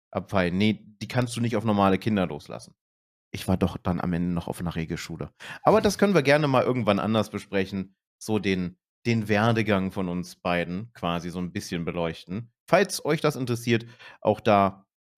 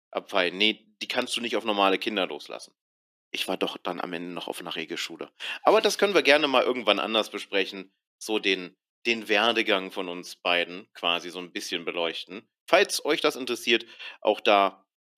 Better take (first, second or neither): first